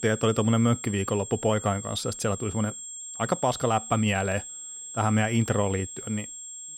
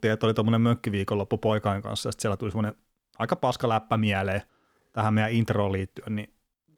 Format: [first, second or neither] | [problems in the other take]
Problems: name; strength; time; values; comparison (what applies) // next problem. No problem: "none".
second | high-pitched whine; loud; throughout; 7.5 kHz, 10 dB below the speech